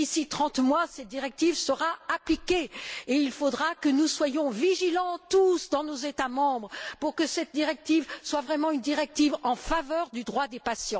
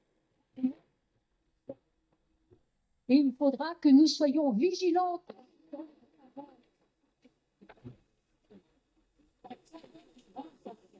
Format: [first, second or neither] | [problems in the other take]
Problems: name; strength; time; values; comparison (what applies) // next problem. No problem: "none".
first | noise reduction (neural mask model DeepFilterNet 3)